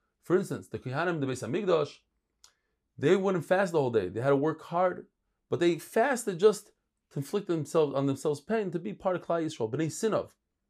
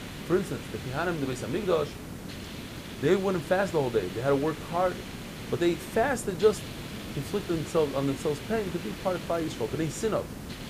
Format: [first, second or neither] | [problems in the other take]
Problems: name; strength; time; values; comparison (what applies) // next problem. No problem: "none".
first | hiss; loud; throughout; 10 dB below the speech